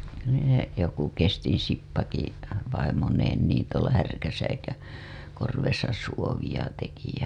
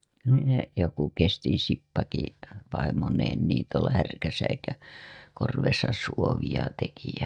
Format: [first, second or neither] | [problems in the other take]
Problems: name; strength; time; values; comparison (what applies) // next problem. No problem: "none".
first | noise reduction (neural mask model DeepFilterNet 3)